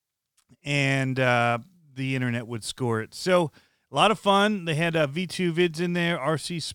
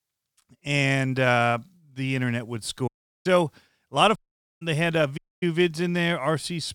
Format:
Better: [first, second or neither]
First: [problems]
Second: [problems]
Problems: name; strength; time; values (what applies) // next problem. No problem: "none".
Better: first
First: none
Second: audio cutting out; at 3 s, at 4 s and at 5 s